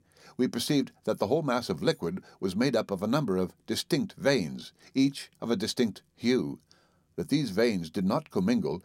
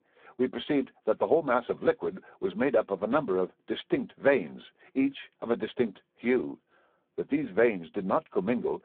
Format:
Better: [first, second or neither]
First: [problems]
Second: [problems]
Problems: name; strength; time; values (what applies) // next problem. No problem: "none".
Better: first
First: none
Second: phone-call audio; poor line